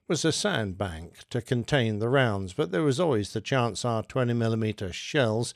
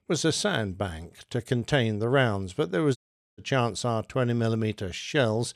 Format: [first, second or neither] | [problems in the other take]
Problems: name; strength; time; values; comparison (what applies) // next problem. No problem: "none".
first | audio cutting out; at 3 s